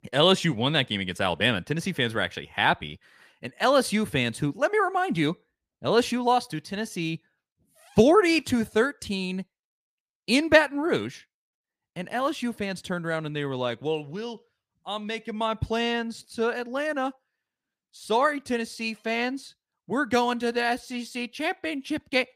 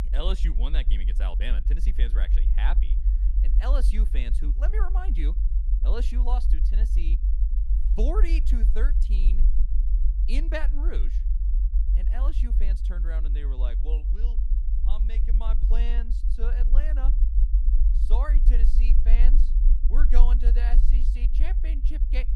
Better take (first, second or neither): first